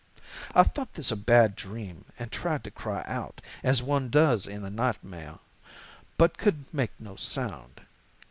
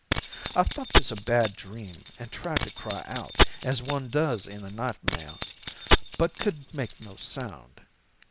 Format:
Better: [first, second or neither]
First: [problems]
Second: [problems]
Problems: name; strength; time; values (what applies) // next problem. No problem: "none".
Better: first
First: none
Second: background sound (Keys jangling); 2 dB above the speech